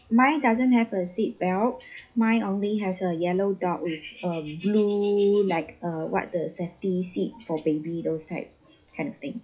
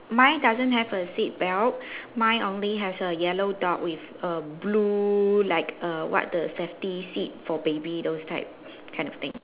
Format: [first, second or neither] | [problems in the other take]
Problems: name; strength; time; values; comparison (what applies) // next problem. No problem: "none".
second | noise reduction (classical method WPE with log-MMSE)